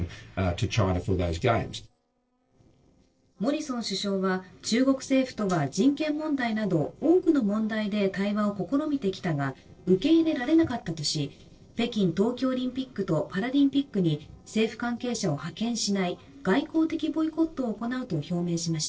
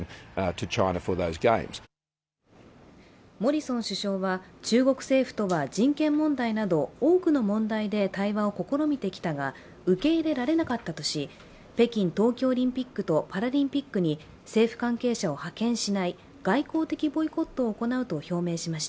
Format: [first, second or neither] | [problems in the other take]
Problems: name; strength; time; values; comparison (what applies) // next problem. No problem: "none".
second | noise reduction (neural separator model SepFormer DNS4)